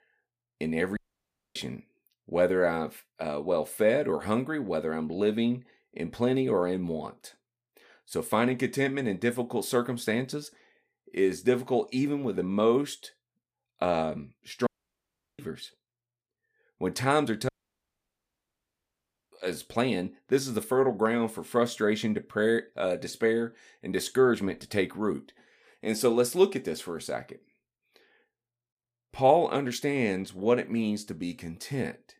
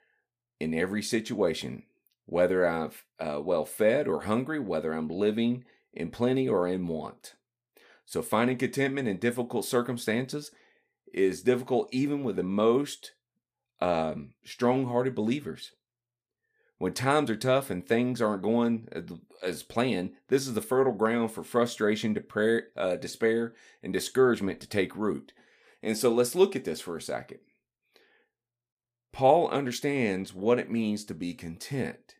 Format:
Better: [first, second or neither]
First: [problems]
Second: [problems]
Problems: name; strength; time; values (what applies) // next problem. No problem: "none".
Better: second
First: audio cutting out; at 1 s for 0.5 s, at 15 s for 0.5 s and at 17 s for 2 s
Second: none